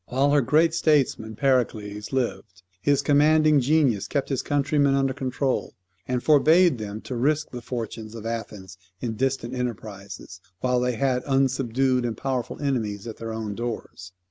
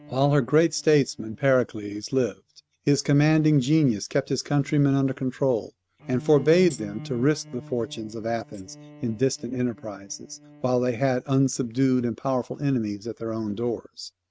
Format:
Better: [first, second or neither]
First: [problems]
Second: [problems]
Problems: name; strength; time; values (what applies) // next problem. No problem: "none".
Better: first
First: none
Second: noise reduction (neural mask model RNNoise)